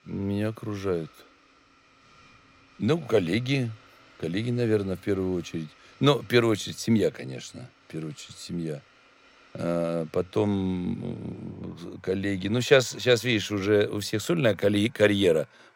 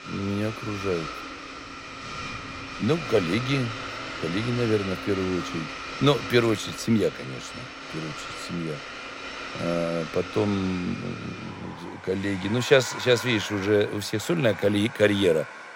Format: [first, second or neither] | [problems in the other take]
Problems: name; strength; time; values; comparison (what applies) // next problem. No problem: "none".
first | household noises; loud; throughout; 10 dB below the speech; faint in the first